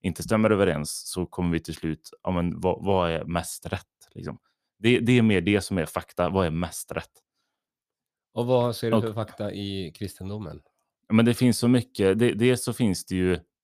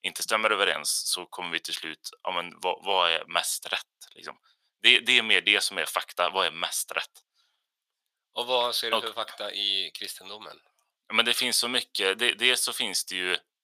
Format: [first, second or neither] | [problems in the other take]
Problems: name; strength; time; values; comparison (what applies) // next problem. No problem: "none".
first | thin; very; fading below 950 Hz